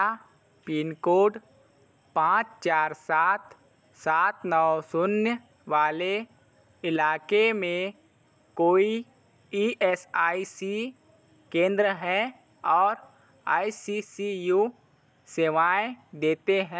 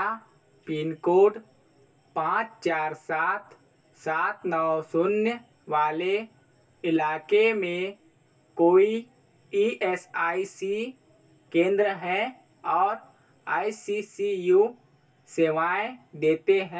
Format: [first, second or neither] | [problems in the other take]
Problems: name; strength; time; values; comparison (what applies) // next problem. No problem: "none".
first | room echo; dies away in 0.1 s